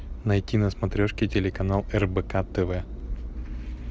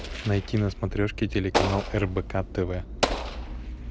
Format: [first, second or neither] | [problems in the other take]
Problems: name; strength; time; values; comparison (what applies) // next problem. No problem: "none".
first | background sound (Explosion); 5 dB below the speech